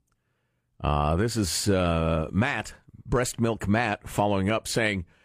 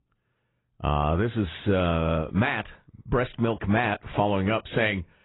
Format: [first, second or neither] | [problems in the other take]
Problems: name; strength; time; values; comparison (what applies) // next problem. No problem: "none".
first | garbled, watery; badly; nothing above 4 kHz